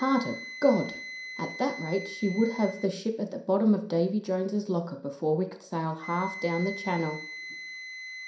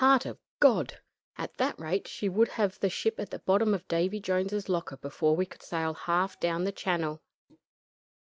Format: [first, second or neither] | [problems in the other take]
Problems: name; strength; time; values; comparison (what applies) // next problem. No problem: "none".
second | background sound (Wind instrument, woodwind instrument); 13 dB below the speech // room echo; dies away in 0.5 s